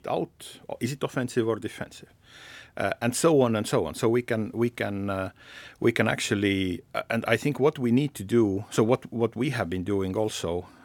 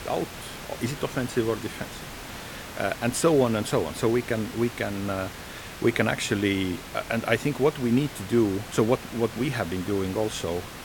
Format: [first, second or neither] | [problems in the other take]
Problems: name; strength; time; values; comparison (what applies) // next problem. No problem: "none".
first | hiss; noticeable; throughout; 10 dB below the speech